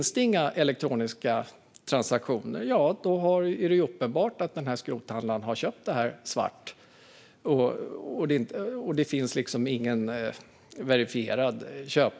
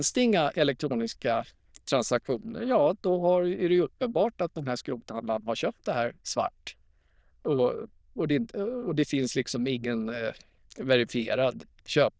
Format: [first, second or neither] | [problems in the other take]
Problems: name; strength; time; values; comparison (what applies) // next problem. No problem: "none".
first | noise reduction (neural diffusion model UNIVERSE++)